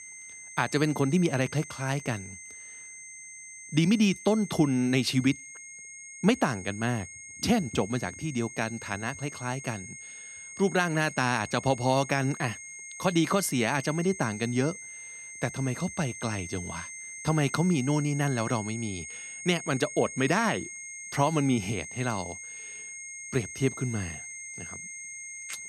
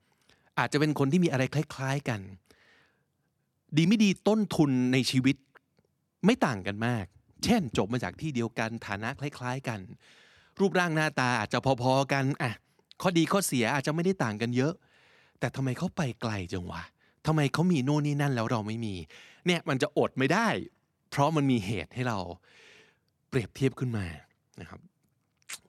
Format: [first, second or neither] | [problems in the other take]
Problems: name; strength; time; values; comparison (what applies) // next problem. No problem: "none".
second | high-pitched whine; noticeable; throughout; 6.5 kHz, 10 dB below the speech